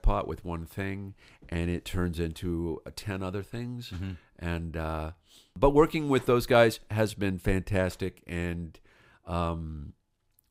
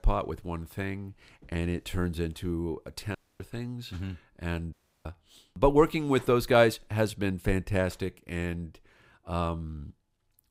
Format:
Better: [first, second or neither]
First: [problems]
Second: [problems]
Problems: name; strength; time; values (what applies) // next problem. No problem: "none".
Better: first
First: none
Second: audio cutting out; at 3 s and at 4.5 s